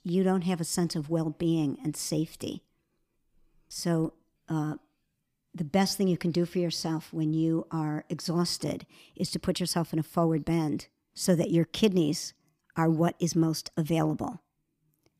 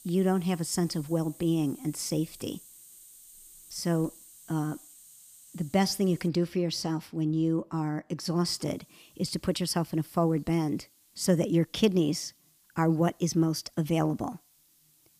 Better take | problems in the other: first | hiss; faint; until 6.5 s and from 8.5 s on; 25 dB below the speech

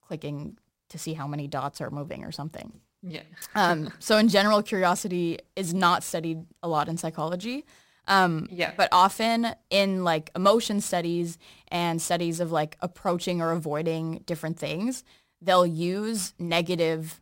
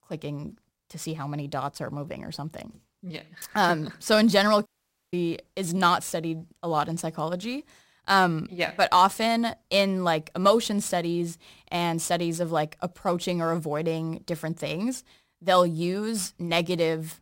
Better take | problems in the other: first | audio cutting out; at 4.5 s

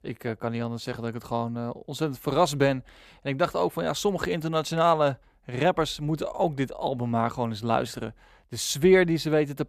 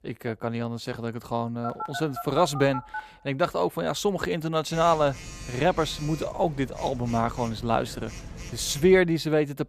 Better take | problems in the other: first | phone ringing; noticeable; from 1.5 to 9 s; peak 8 dB below the speech

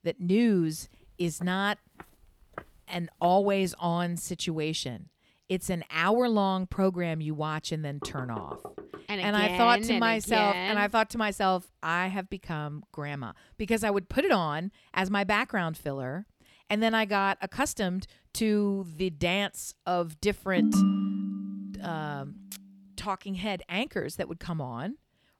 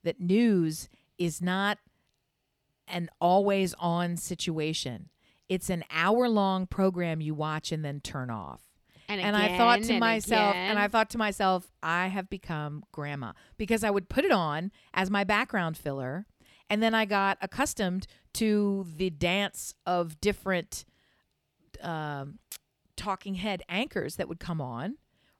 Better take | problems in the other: second | footsteps; faint; from 1 to 3.5 s; peak 15 dB below the speech // door banging; faint; from 8 to 9 s; peak 10 dB below the speech // phone ringing; loud; from 21 to 22 s; peak 5 dB above the speech

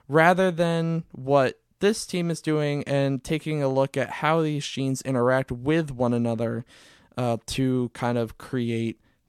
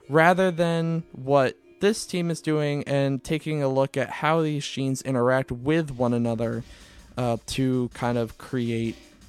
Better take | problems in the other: first | background music; faint; throughout; 30 dB below the speech

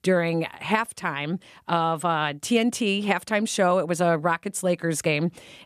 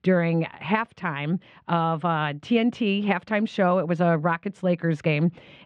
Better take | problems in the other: first | muffled; very; fading above 3 kHz

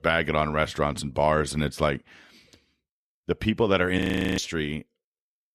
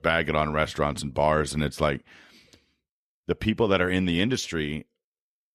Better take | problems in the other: second | audio freezing; at 4 s

